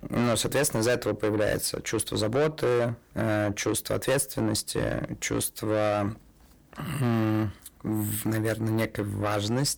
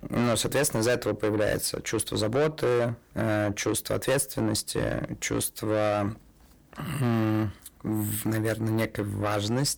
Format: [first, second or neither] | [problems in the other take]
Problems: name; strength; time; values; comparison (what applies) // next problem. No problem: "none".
neither | distortion; heavy; 7 dB below the speech; the same in both